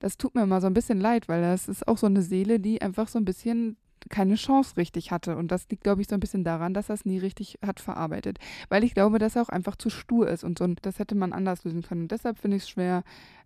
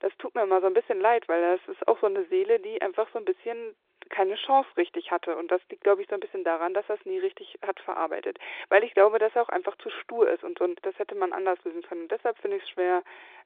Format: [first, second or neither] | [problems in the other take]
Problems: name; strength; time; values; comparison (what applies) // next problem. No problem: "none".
first | phone-call audio